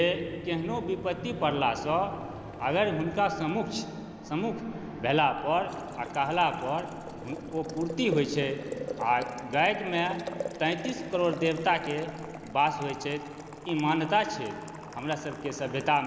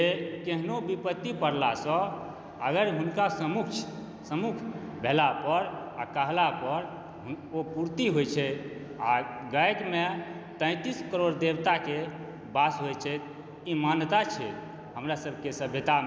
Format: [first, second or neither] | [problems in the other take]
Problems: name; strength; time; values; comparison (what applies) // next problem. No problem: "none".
second | background sound (Boiling); 14 dB below the speech